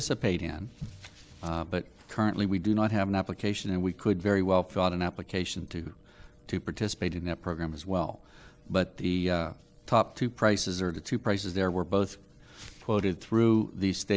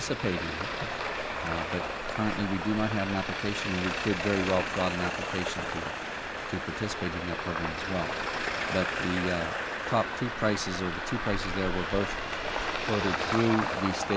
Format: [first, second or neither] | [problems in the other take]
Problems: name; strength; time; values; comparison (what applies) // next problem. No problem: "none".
first | background sound (Traffic noise, roadway noise); 1 dB below the speech